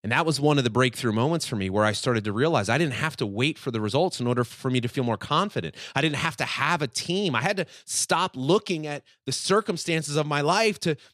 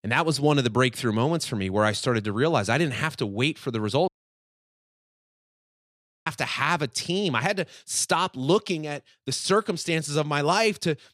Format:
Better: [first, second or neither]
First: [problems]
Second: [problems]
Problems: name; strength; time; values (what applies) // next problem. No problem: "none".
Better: first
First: none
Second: audio cutting out; at 4 s for 2 s